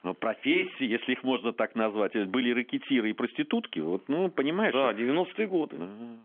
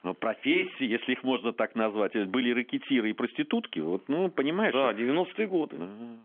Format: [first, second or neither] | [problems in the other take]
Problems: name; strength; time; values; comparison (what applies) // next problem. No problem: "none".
neither | phone-call audio; nothing above 3.5 kHz; the same in both